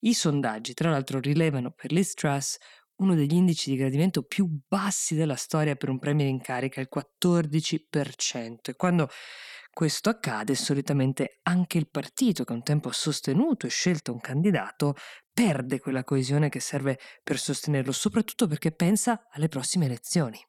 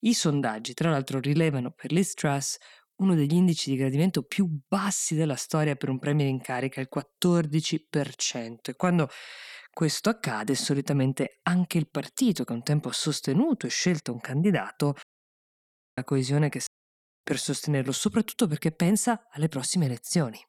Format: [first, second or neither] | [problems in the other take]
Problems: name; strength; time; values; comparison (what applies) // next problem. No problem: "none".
first | audio cutting out; at 15 s for 1 s and at 17 s for 0.5 s